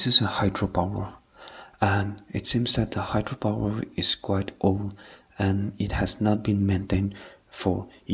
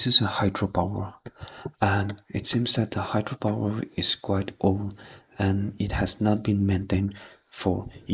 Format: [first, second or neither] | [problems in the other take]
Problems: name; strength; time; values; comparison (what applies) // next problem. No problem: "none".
first | noise reduction (neural mask model Resemble Enhance denoiser)